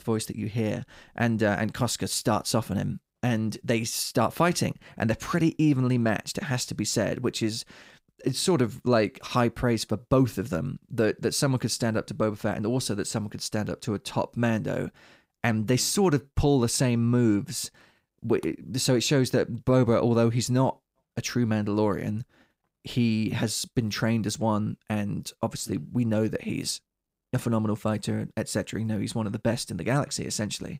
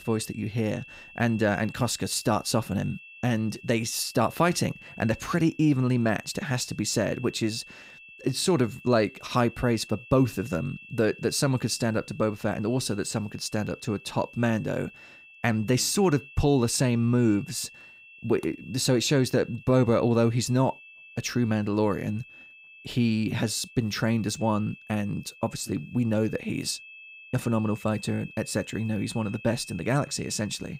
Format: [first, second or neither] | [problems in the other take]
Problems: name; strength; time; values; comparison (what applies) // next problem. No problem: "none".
first | high-pitched whine; noticeable; throughout; 2.5 kHz, 20 dB below the speech